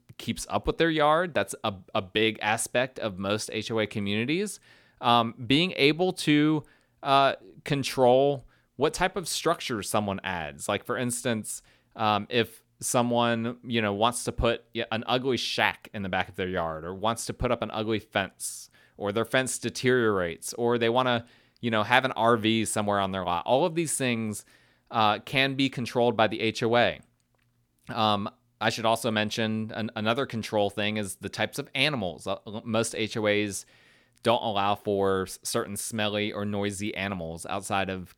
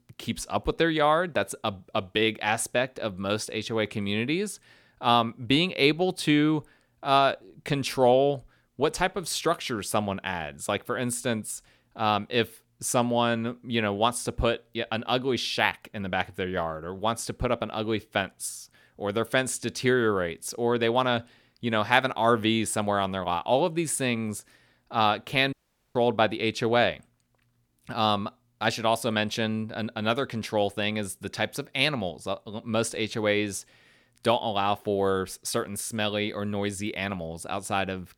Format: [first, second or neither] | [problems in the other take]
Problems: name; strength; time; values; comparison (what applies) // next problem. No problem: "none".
first | audio cutting out; at 26 s